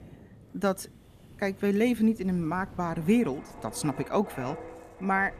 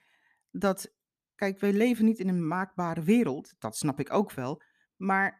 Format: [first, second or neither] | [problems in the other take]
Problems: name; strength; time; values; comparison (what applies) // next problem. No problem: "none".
second | wind in the background; noticeable; throughout; 15 dB below the speech